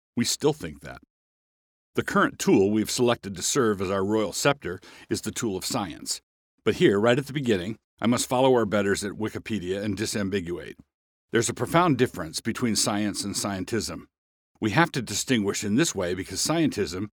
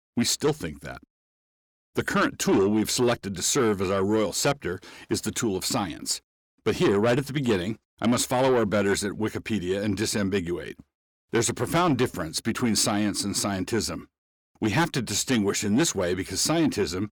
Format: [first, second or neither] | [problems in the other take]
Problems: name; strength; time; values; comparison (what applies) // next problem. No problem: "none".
first | distortion; slight; 10 dB below the speech